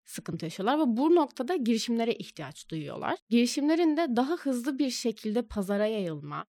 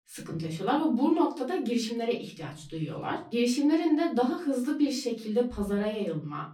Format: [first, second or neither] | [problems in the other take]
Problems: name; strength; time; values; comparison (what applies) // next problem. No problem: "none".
first | off-mic speech; far // room echo; slight; dies away in 0.5 s